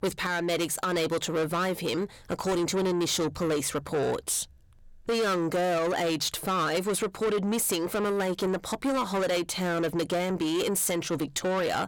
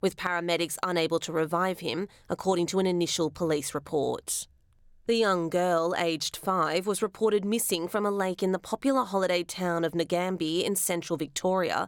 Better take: second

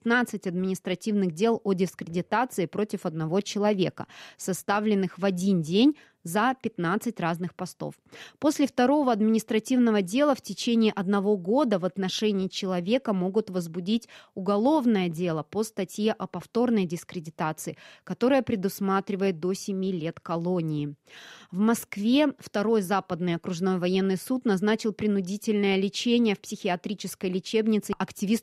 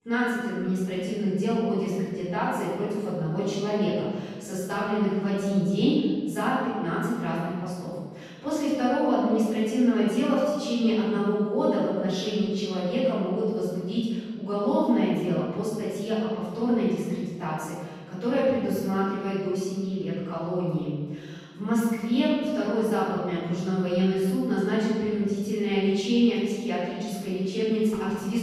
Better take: first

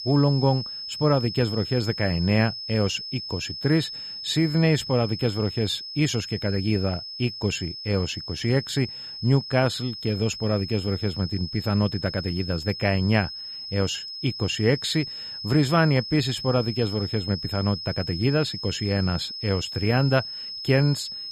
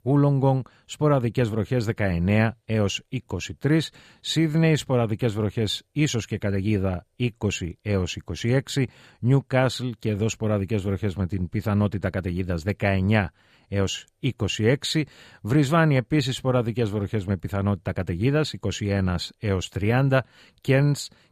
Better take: second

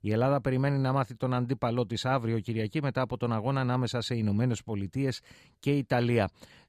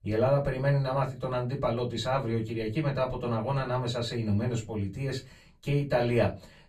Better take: first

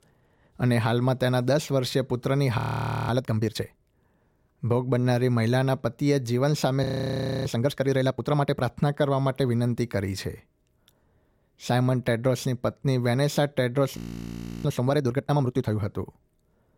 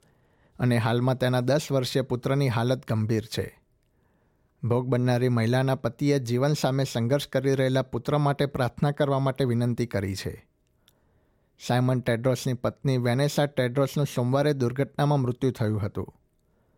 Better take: second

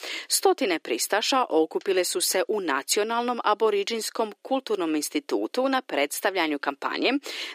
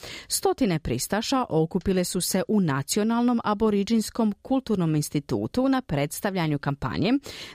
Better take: second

